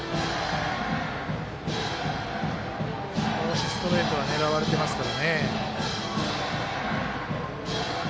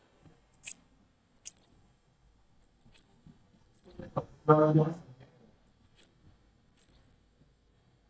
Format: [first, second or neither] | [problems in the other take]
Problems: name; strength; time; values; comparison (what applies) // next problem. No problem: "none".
first | noise reduction (neural mask model DeepFilterNet 3)